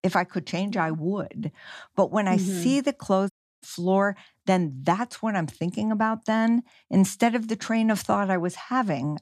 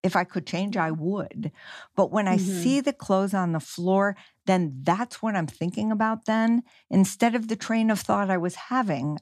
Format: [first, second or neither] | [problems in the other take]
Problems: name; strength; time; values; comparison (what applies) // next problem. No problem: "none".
second | audio cutting out; at 3.5 s